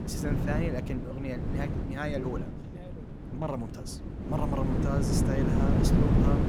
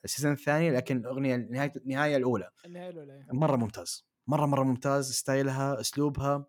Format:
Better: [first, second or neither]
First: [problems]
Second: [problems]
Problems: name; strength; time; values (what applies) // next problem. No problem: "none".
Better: second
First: wind noise on the microphone; heavy; 1 dB above the speech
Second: none